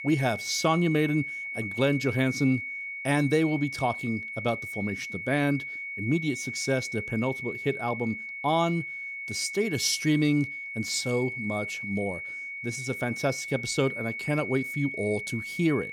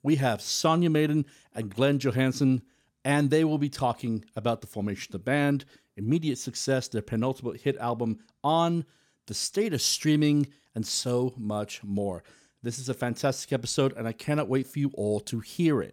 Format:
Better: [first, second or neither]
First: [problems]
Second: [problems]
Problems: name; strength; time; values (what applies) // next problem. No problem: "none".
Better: second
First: high-pitched whine; loud; throughout; 2 kHz, 6 dB below the speech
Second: none